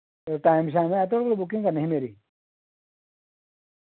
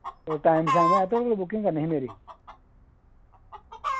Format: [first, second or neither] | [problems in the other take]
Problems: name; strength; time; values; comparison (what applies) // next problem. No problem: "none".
first | background sound (Chicken, rooster); 4 dB below the speech